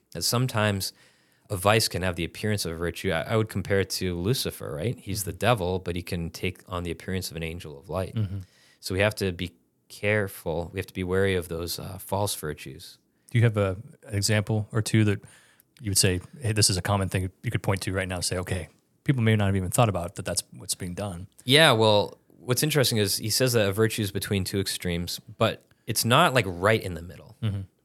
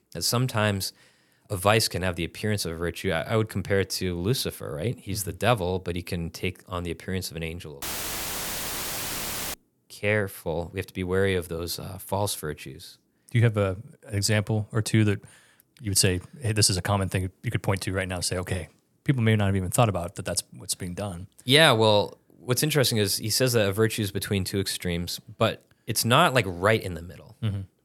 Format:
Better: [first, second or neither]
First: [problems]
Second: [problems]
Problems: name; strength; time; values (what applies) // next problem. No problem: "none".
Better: first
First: none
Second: audio cutting out; filled with static; at 8 s for 1.5 s